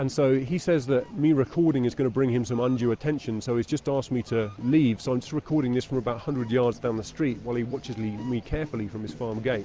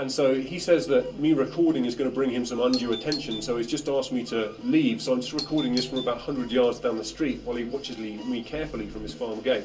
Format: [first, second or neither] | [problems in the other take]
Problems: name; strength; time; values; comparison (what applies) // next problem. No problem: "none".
first | background sound (Doorbell); 12 dB below the speech // room echo; dies away in 0.2 s